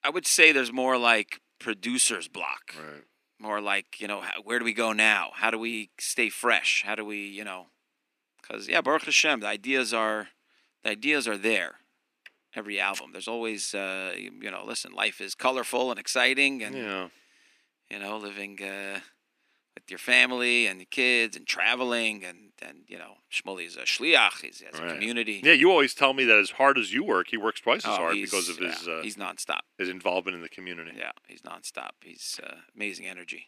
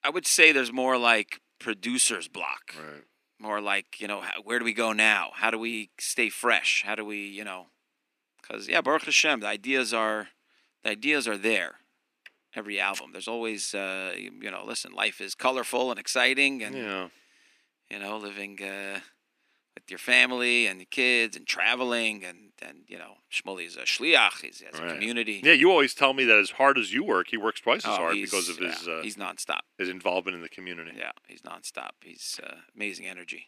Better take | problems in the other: neither | thin; somewhat; fading below 250 Hz; the same in both

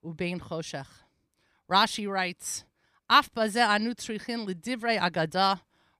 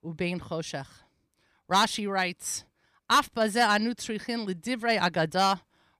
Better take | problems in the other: first | distortion; slight; 1.3% of the sound clipped

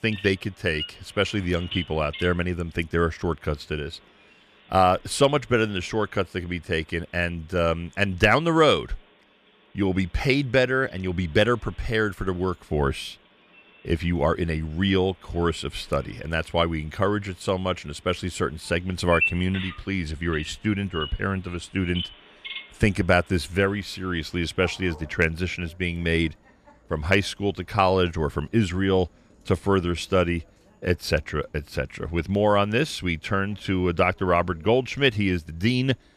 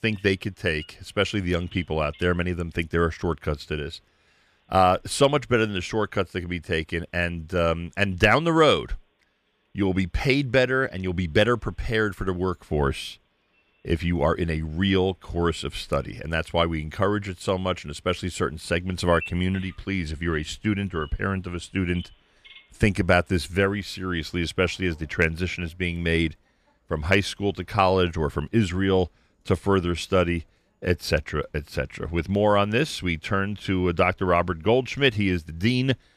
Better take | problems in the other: second | animal sounds; loud; throughout; 9 dB below the speech; faint in the second

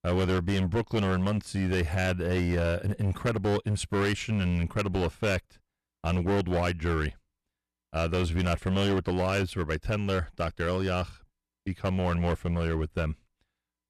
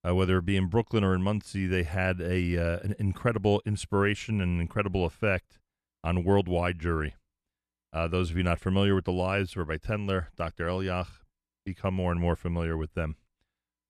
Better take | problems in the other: second | distortion; heavy; 14% of the sound clipped

